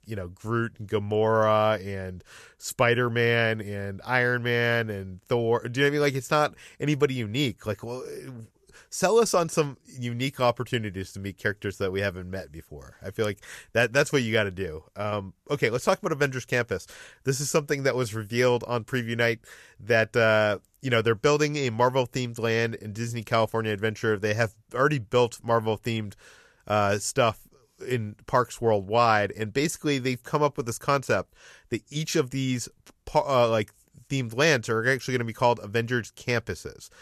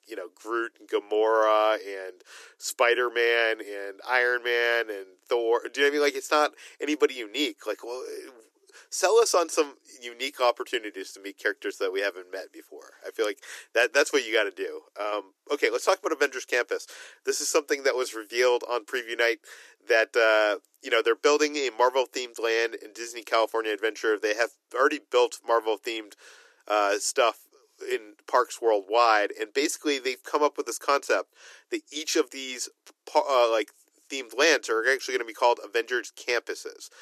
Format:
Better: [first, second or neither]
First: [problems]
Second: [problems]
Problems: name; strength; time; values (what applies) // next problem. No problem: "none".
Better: first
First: none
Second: thin; somewhat; fading below 300 Hz